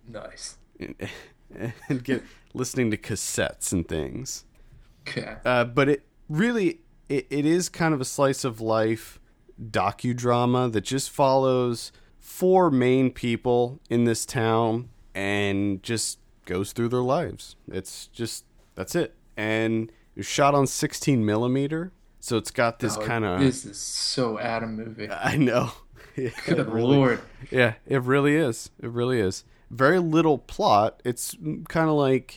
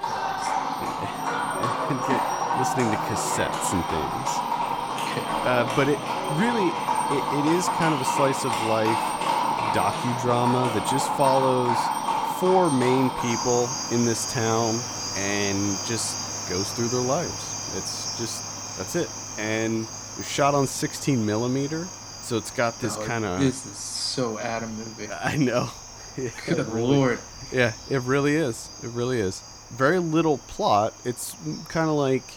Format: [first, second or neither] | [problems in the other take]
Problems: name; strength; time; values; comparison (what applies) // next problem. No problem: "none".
first | animal sounds; loud; throughout; 2 dB below the speech